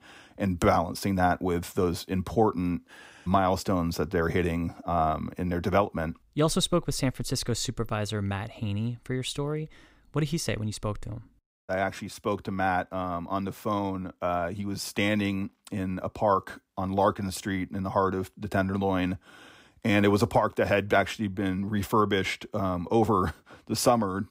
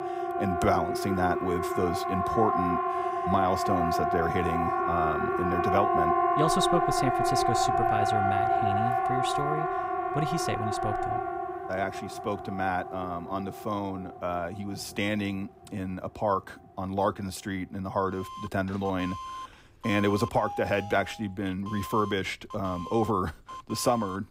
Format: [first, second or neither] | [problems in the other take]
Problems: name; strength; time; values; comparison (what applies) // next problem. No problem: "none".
first | alarms or sirens; very loud; throughout; 2 dB above the speech